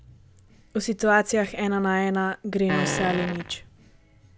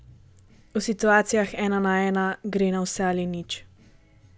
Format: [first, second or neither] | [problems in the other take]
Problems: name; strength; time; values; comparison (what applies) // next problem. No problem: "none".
second | background sound (Fart); 4 dB below the speech